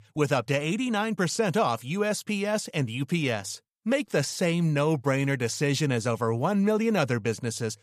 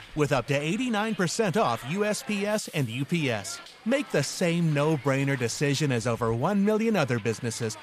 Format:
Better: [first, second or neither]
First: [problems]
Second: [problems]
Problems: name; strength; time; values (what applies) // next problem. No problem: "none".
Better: first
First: none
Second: hiss; noticeable; throughout; 20 dB below the speech